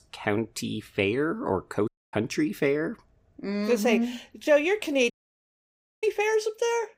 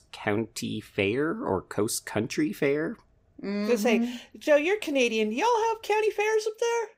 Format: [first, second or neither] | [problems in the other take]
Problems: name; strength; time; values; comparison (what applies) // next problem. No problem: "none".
second | audio cutting out; at 2 s and at 5 s for 1 s